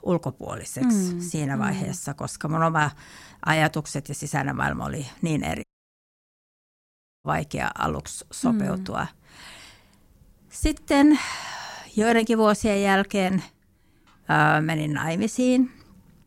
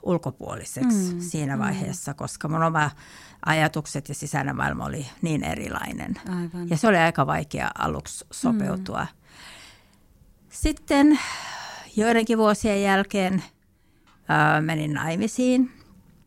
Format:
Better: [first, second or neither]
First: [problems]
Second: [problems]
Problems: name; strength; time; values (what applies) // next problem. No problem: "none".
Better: second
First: audio cutting out; at 5.5 s for 1.5 s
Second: none